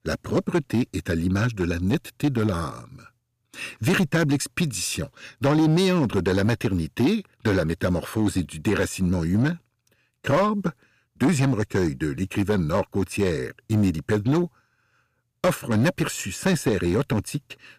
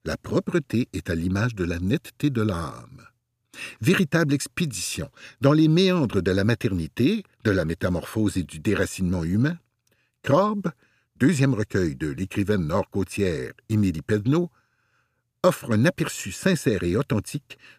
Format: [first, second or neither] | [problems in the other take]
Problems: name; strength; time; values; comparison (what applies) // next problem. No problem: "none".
second | distortion; slight; 6% of the sound clipped